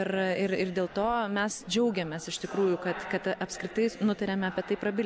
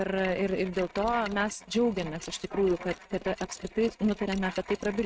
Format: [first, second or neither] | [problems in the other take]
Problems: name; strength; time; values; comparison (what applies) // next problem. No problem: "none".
first | noise reduction (neural mask model RNNoise)